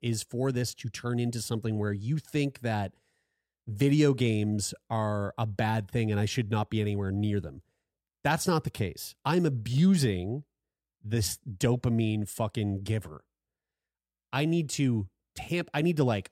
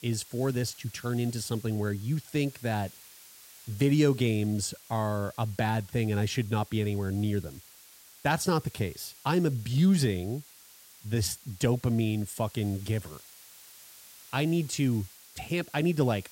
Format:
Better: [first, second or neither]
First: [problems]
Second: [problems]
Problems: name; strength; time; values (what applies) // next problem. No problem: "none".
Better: first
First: none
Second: hiss; faint; throughout; 20 dB below the speech